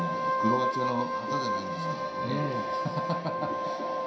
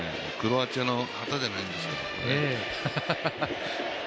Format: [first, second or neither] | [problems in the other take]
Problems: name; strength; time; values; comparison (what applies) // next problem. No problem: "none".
second | background sound (Wind instrument, woodwind instrument); 2 dB above the speech // room echo; dies away in 0.5 s